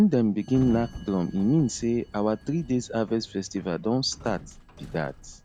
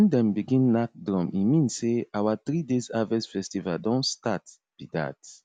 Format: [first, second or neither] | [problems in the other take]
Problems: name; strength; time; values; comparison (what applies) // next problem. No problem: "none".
second | background sound (Sliding door); 18 dB below the speech